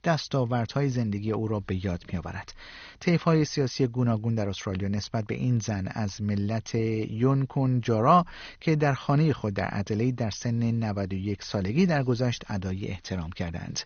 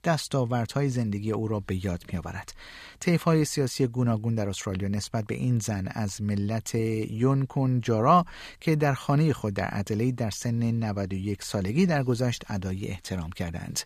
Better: second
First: garbled, watery; slightly; nothing above 6.5 kHz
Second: none

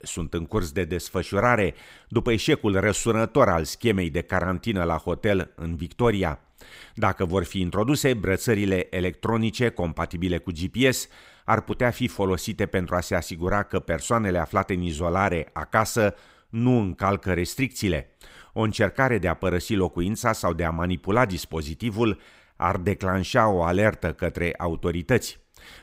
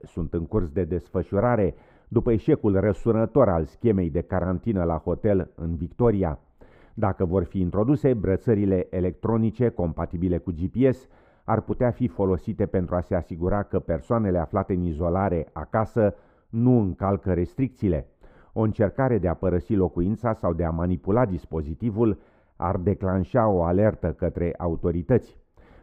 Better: first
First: none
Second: muffled; very; fading above 2 kHz

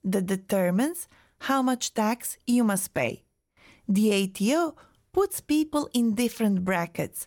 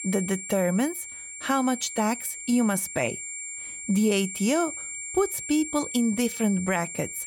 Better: first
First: none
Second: high-pitched whine; loud; throughout; 7.5 kHz, 8 dB below the speech

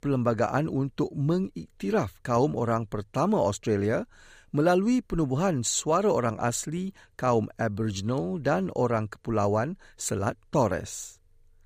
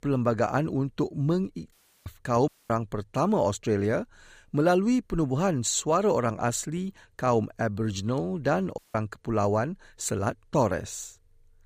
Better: first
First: none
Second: audio cutting out; at 1.5 s, at 2.5 s and at 9 s

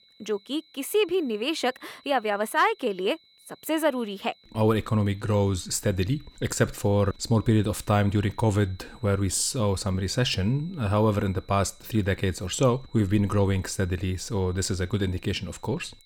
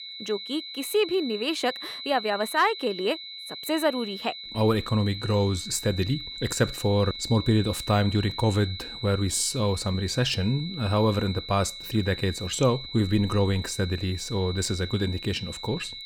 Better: first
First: high-pitched whine; faint; throughout; 4 kHz, 30 dB below the speech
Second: high-pitched whine; loud; throughout; 4 kHz, 10 dB below the speech

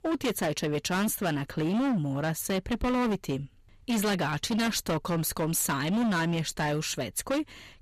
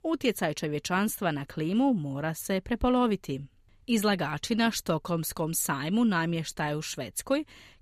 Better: second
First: distortion; heavy; 21% of the sound clipped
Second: none

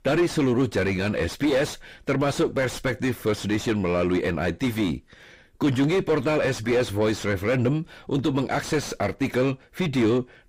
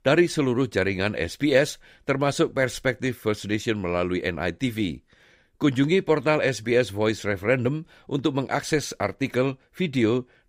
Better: second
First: distortion; heavy; 5 dB below the speech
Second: none

